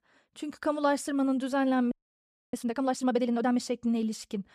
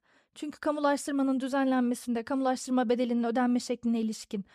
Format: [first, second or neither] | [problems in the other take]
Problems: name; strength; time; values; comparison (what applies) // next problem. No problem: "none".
second | audio freezing; at 2 s for 0.5 s